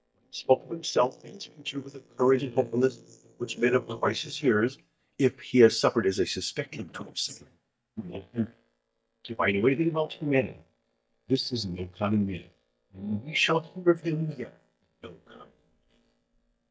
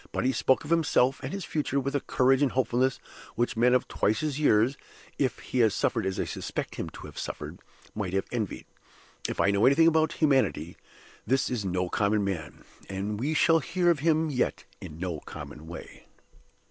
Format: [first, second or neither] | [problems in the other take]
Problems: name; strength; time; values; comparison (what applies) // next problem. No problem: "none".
second | noise reduction (neural mask model DeepFilterNet 3)